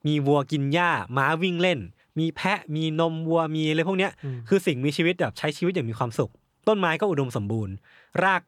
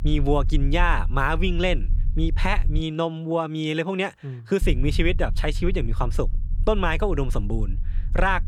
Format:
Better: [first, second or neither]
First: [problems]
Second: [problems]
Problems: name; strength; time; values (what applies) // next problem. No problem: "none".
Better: first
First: none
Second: low rumble; faint; until 3 s and from 4.5 s on; 20 dB below the speech